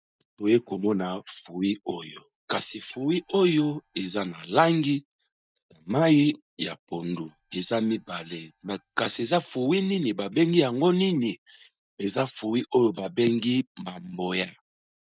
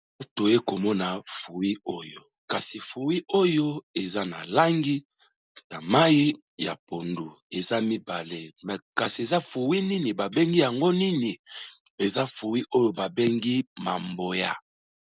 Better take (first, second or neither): second